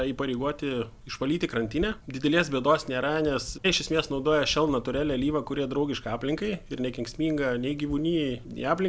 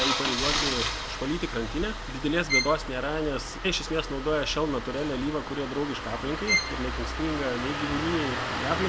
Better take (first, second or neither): first